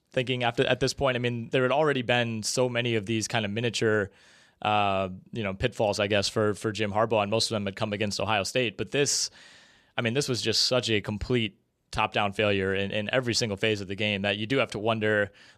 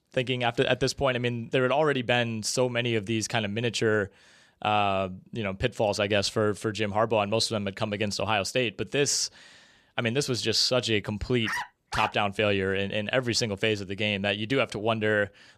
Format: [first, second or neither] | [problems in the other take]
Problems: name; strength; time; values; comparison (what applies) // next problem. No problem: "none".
first | dog barking; noticeable; at 11 s; peak 6 dB below the speech